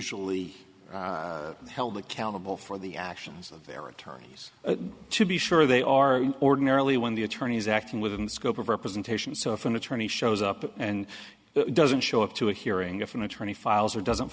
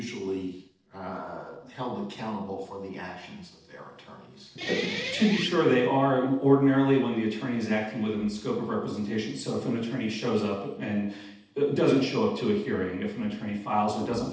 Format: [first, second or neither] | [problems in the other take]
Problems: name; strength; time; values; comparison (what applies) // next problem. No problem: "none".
first | noise reduction (neural separator model SepFormer DNS4)